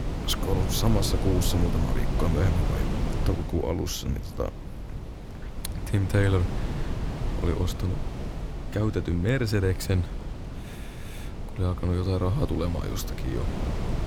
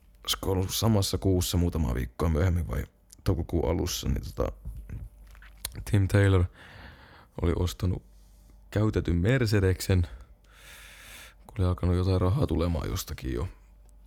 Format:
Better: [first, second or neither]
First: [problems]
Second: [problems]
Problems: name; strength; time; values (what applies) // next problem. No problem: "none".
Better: second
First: wind noise on the microphone; heavy; 7 dB below the speech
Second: none